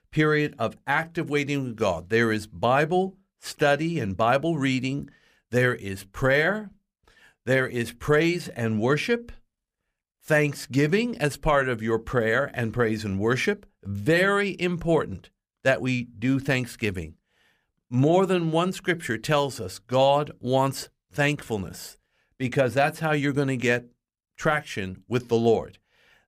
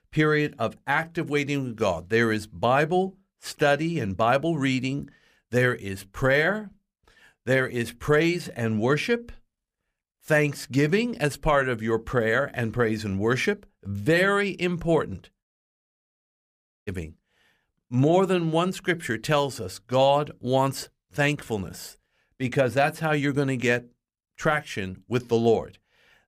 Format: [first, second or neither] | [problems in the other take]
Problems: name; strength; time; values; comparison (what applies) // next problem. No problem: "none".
first | audio cutting out; at 15 s for 1.5 s